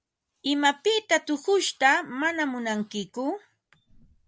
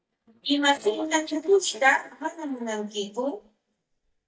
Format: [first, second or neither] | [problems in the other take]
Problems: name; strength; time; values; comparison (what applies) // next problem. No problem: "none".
first | noise reduction (neural mask model DeepFilterNet 3)